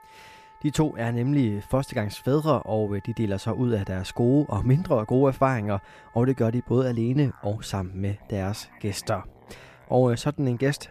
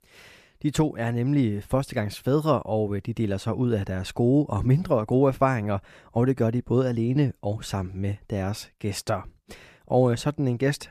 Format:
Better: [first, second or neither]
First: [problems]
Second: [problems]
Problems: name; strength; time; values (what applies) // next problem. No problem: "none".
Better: second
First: background music; faint; throughout; 25 dB below the speech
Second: none